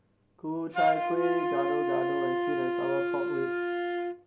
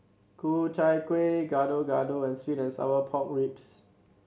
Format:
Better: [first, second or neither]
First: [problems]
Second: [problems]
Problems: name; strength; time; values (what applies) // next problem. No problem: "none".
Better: second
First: background sound (Wind instrument, woodwind instrument); 5 dB above the speech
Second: none